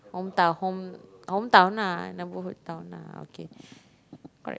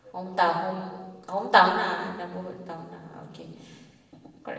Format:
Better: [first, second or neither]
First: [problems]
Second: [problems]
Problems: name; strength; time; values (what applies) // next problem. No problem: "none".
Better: first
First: none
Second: room echo; dies away in 1.1 s